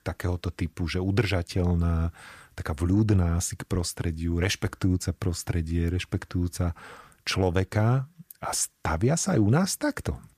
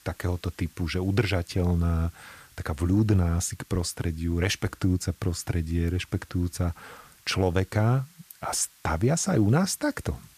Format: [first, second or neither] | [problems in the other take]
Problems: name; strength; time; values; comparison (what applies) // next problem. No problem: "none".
first | hiss; faint; throughout; 30 dB below the speech